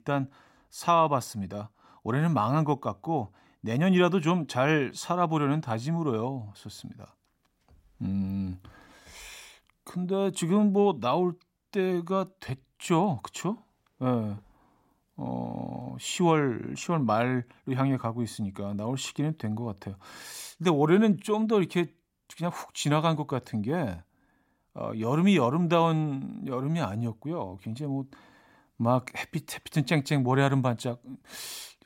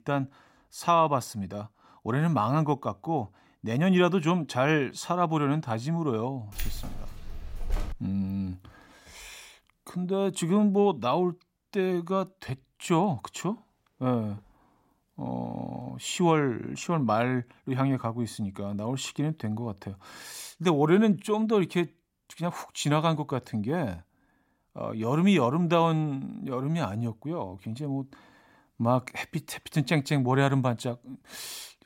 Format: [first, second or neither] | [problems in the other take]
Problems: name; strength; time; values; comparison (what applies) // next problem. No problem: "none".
first | jangling keys; noticeable; from 6.5 to 8 s; peak 8 dB below the speech